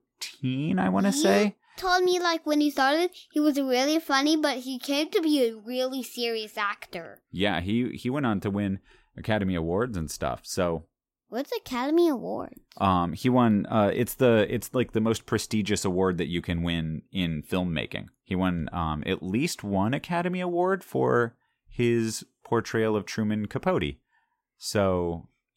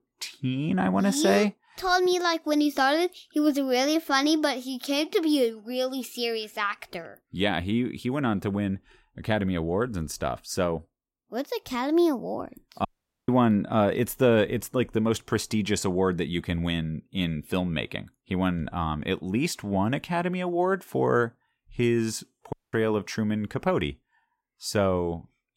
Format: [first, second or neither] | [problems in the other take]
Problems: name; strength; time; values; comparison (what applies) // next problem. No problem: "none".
first | audio cutting out; at 13 s and at 23 s